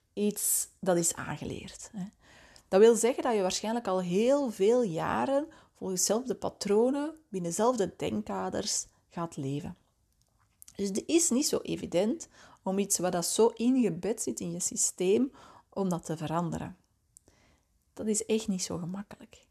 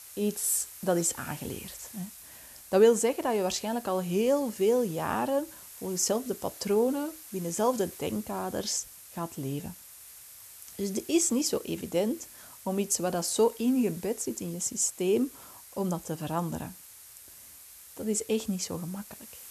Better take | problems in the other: first | hiss; noticeable; throughout; 15 dB below the speech

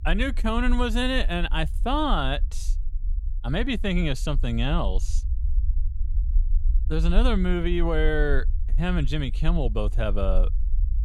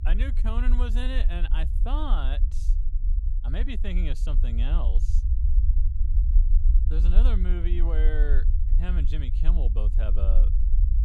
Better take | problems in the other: first | low rumble; loud; throughout; 9 dB below the speech; faint in the first

